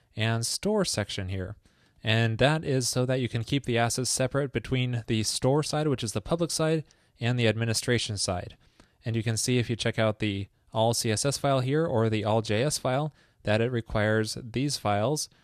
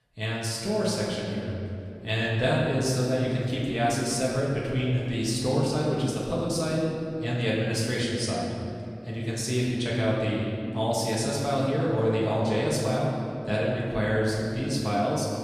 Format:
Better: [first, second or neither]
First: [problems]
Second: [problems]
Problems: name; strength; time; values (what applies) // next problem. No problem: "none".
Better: first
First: none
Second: room echo; noticeable; dies away in 2.7 s // off-mic speech; far